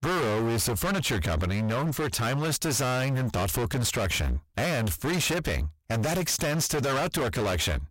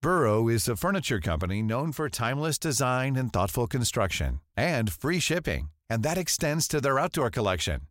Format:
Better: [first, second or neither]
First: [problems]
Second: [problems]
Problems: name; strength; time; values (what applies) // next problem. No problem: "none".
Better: second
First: distortion; heavy; 43% of the sound clipped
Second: none